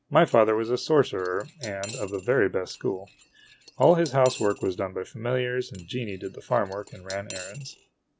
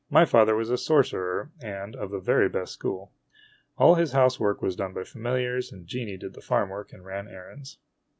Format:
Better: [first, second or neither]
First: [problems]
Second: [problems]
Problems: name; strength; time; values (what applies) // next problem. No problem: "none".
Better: second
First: background sound (Cutlery, silverware / Dishes, pots, and pans); 20 dB below the speech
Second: none